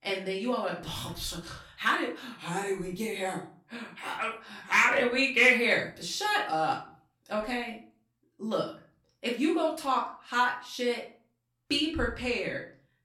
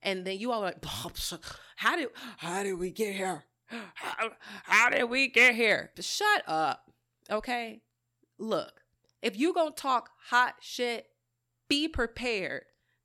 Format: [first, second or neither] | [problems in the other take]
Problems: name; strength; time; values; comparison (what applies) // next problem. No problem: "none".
second | room echo; slight; dies away in 0.4 s // off-mic speech; far